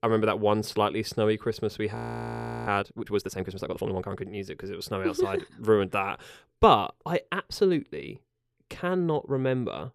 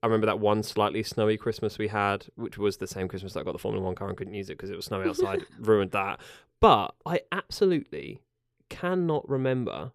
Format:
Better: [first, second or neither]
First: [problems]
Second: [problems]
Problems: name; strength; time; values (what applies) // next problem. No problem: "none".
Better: second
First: audio freezing; at 2 s for 0.5 s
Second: none